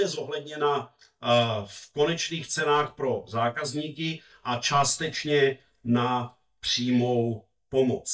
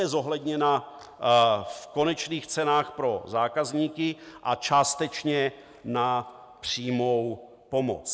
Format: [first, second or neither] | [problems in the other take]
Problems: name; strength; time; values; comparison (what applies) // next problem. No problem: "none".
second | noise reduction (neural mask model DeepFilterNet 3)